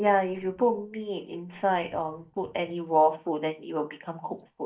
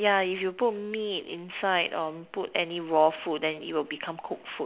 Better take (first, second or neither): second